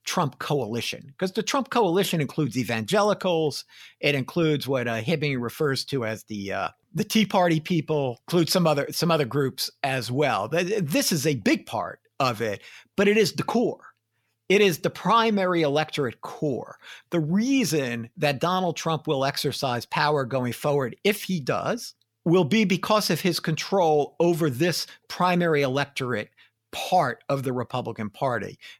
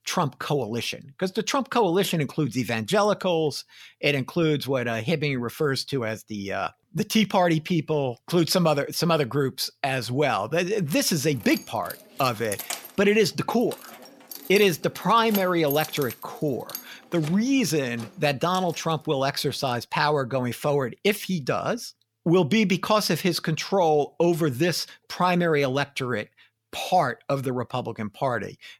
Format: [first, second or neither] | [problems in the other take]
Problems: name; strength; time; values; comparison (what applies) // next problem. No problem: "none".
first | jangling keys; noticeable; from 11 to 19 s; peak 7 dB below the speech